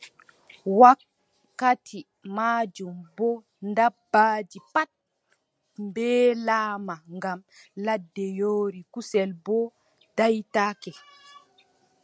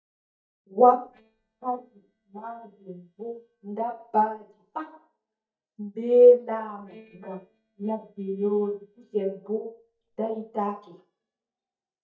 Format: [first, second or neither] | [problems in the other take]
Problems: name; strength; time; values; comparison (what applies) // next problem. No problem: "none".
first | noise reduction (neural mask model DeepFilterNet 3)